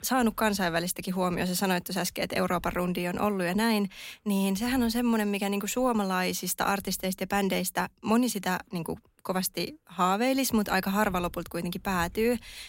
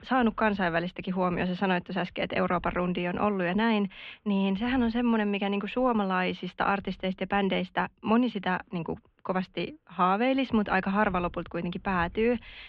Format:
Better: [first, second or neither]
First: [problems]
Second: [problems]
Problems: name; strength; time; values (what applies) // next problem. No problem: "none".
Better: first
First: none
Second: muffled; very; fading above 3 kHz